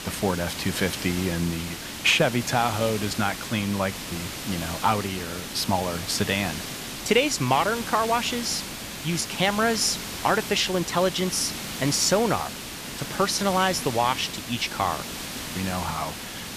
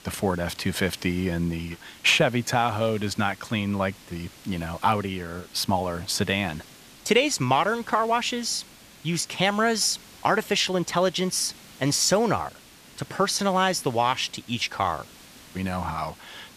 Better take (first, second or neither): second